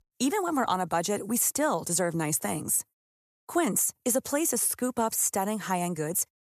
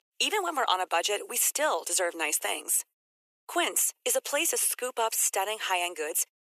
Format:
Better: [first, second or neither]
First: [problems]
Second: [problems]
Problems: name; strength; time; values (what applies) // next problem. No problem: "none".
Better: first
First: none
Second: thin; very; fading below 350 Hz